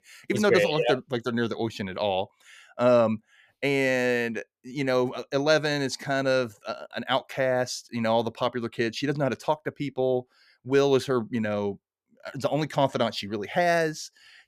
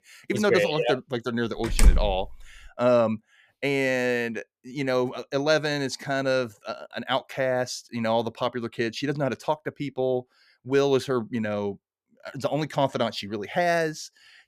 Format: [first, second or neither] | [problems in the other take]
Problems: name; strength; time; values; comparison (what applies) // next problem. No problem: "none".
first | door banging; loud; at 1.5 s; peak 4 dB above the speech